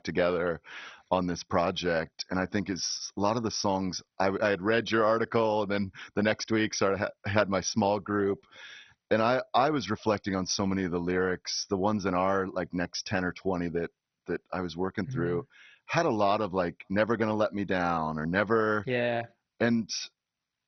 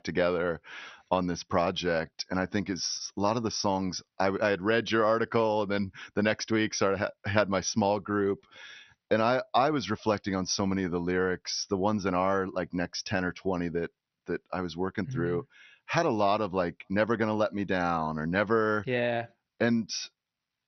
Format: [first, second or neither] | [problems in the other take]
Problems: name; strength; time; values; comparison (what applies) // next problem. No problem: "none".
second | garbled, watery; badly; nothing above 6 kHz; slightly in the second